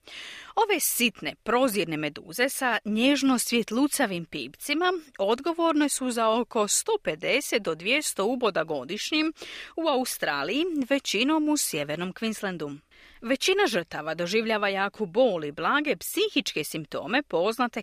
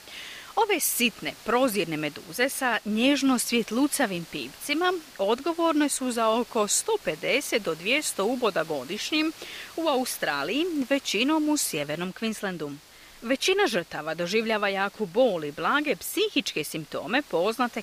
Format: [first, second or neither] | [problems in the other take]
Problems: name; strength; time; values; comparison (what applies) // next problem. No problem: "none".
first | hiss; faint; throughout; 20 dB below the speech